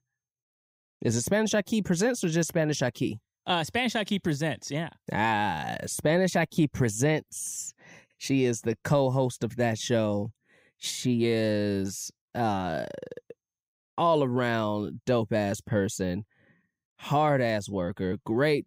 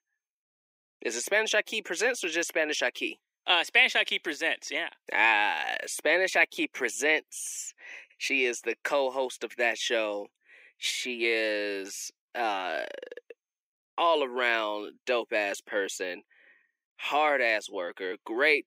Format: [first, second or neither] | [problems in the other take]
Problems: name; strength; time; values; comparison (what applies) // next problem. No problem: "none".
first | thin; very; fading below 350 Hz